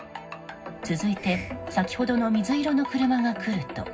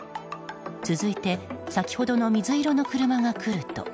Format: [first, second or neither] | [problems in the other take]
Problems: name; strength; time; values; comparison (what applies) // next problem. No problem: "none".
second | background sound (Hiss); 18 dB below the speech // room echo; dies away in 0.4 s